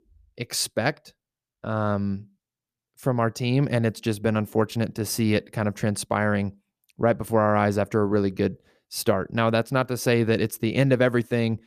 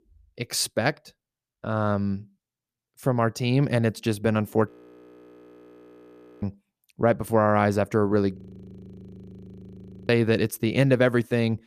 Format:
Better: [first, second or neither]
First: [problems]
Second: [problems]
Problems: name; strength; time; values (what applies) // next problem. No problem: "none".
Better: first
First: none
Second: audio freezing; at 4.5 s for 1.5 s and at 8.5 s for 1.5 s